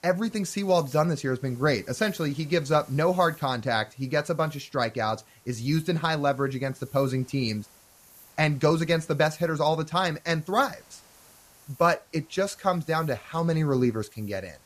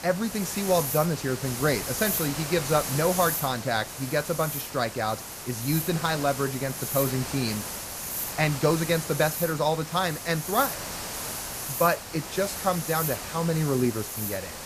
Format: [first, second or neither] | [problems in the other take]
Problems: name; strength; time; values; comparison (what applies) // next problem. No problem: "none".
first | hiss; loud; throughout; 5 dB below the speech; faint in the first